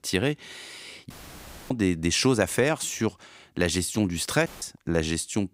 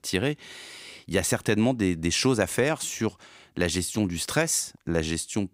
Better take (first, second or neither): second